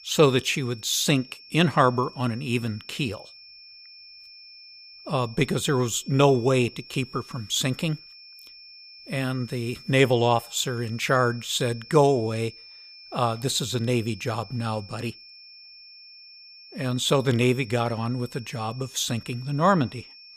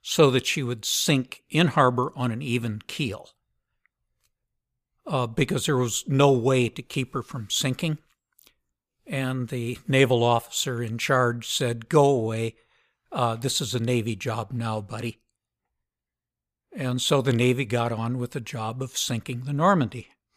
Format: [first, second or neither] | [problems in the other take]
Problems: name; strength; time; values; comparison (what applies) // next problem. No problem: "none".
second | high-pitched whine; noticeable; throughout; 5.5 kHz, 20 dB below the speech